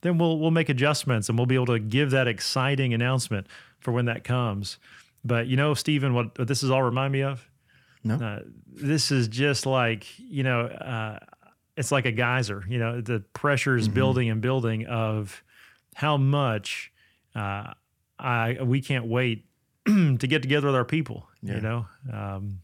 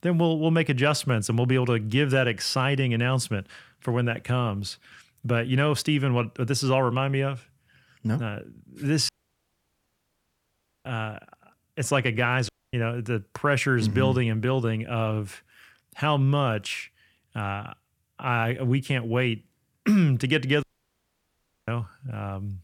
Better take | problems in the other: first | audio cutting out; at 9 s for 2 s, at 12 s and at 21 s for 1 s

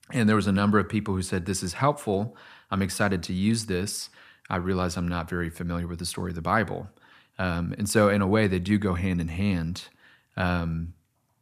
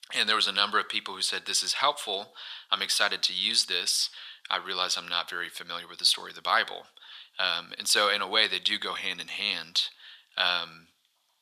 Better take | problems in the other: first | thin; very; fading below 800 Hz

